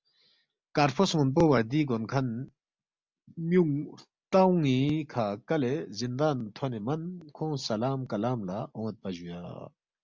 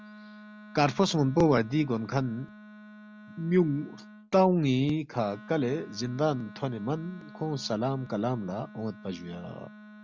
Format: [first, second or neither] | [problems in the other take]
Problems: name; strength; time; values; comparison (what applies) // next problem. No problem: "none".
first | background sound (Wind instrument, woodwind instrument); 19 dB below the speech